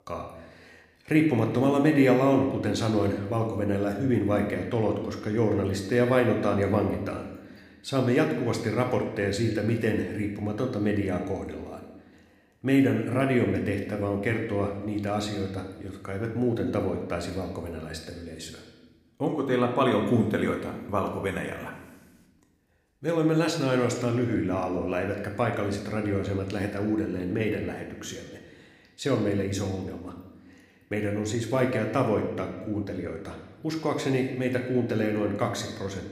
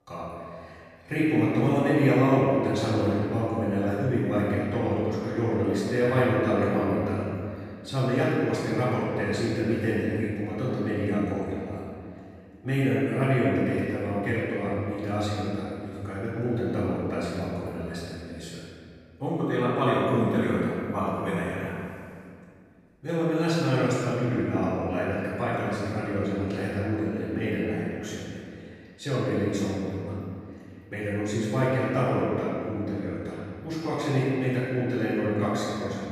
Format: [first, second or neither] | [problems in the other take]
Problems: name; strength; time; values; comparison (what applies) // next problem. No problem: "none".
first | room echo; strong; dies away in 2.2 s; slight in the first // off-mic speech; far